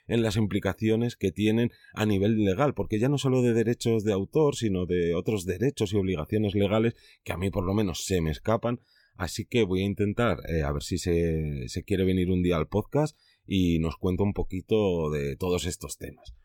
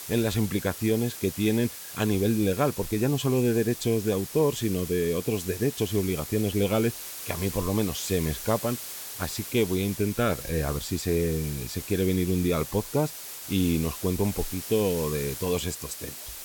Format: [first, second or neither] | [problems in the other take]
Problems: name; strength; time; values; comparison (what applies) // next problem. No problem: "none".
first | hiss; loud; throughout; 9 dB below the speech